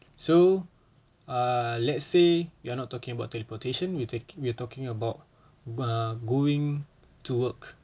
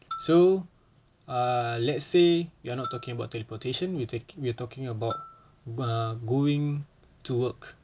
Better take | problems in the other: first | background sound (Marimba, xylophone); 18 dB below the speech

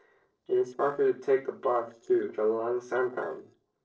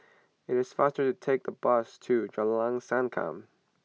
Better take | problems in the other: second | noise reduction (neural separator model SepFormer DNS4)

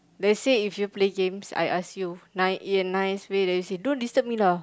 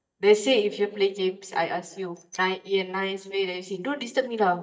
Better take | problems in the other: first | noise reduction (neural mask model DeepFilterNet 3)

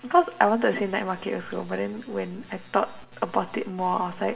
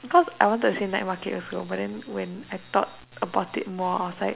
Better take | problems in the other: second | room echo; dies away in 1.4 s

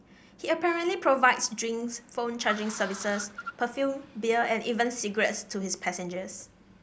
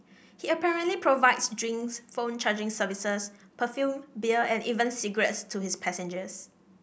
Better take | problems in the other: second | background sound (Car); 18 dB below the speech

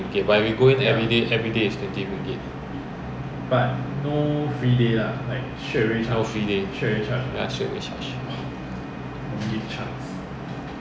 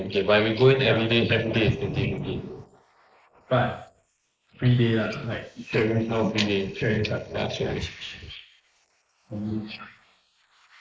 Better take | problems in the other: first | noise reduction (neural mask model Resemble Enhance denoiser)

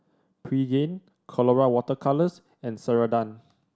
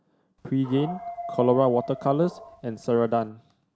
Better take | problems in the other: first | background sound (Dog); 13 dB below the speech

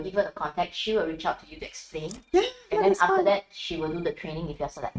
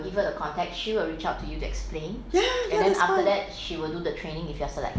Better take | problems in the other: second | noise reduction (neural mask model RNNoise)

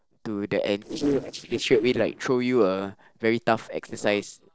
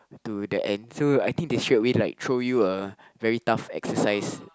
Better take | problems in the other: second | noise reduction (neural separator model SepFormer DNS4)

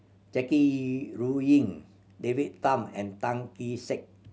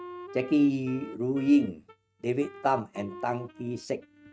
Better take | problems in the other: first | noise reduction (neural mask model RNNoise)

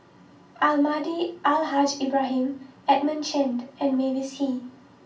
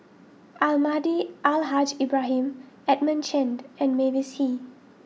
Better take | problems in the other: second | room echo; dies away in 0.3 s

